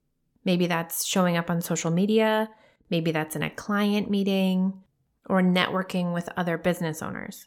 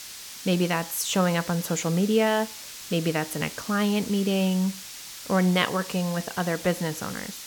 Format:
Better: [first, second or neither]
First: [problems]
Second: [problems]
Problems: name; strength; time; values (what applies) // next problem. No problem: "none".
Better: first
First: none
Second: hiss; noticeable; throughout; 10 dB below the speech